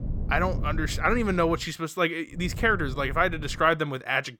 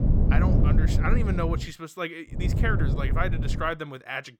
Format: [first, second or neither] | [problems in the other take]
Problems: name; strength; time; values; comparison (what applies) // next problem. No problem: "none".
first | low rumble; loud; until 1.5 s and from 2.5 to 3.5 s; 5 dB below the speech; faint in the first